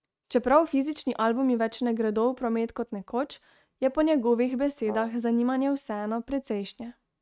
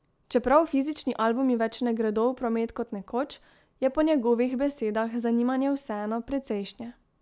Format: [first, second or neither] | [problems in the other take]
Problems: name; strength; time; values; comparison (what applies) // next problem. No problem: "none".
second | noise reduction (neural mask model RNNoise)